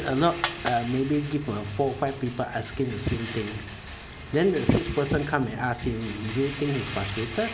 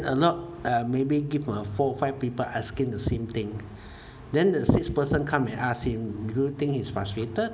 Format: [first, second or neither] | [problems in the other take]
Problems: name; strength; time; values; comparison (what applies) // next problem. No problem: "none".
second | background sound (Rattle); 11 dB below the speech